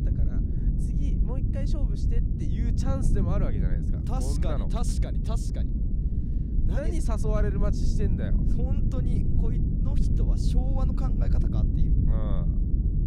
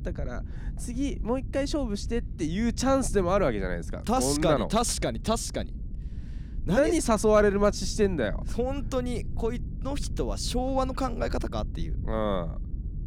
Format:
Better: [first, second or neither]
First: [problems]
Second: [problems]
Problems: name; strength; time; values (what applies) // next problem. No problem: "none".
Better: second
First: low rumble; loud; throughout; 1 dB below the speech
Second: low rumble; faint; throughout; 20 dB below the speech